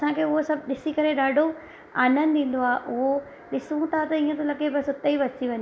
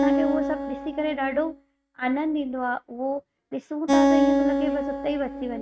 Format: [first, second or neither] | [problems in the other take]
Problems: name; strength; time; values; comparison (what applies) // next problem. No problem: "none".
first | noise reduction (neural mask model RNNoise)